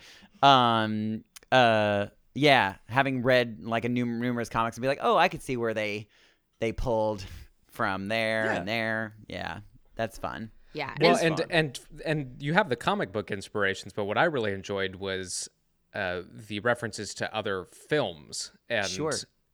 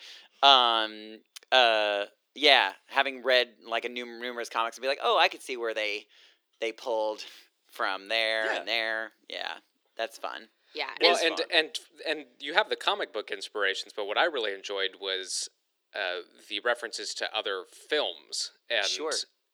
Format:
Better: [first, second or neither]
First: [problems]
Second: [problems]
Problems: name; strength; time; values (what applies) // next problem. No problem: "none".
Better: first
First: none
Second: thin; very; fading below 350 Hz